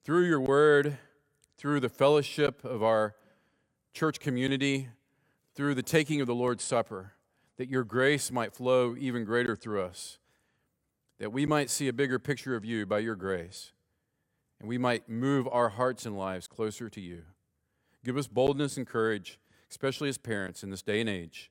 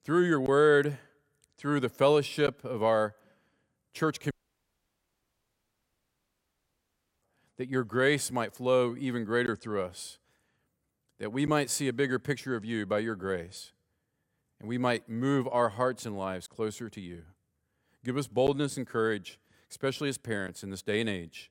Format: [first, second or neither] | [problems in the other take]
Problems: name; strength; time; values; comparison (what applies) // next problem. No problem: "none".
first | audio cutting out; at 4.5 s for 3 s